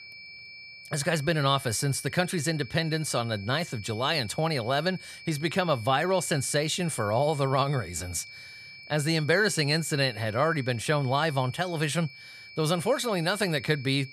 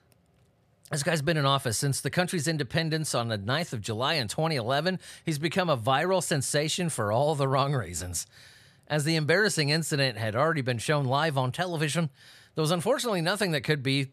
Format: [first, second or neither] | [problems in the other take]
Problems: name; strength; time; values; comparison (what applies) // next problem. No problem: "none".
second | high-pitched whine; noticeable; throughout; 2.5 kHz, 15 dB below the speech